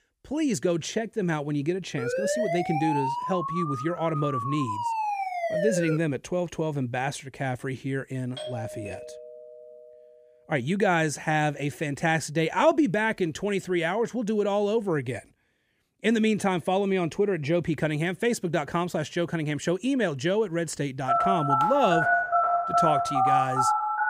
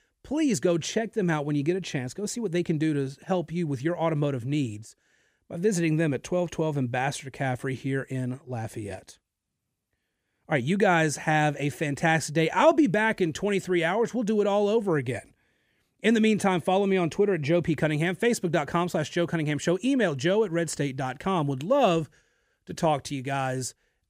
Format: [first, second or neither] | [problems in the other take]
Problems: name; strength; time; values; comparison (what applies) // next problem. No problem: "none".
second | siren; loud; from 2 to 6 s; peak level with the speech // doorbell; noticeable; from 8.5 to 10 s; peak 9 dB below the speech // phone ringing; loud; from 21 s on; peak 5 dB above the speech